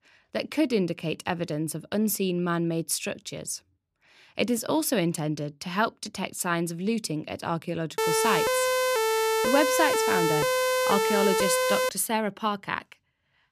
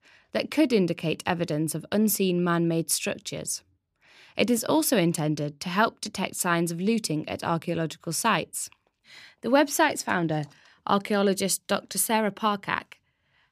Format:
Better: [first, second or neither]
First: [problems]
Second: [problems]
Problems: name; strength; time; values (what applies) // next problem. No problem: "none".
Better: second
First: siren; loud; from 8 to 12 s; peak 4 dB above the speech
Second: none